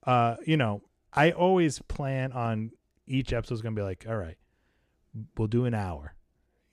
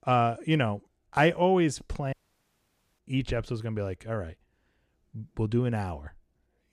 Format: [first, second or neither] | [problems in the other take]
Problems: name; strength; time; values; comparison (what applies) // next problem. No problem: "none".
first | audio cutting out; at 2 s for 1 s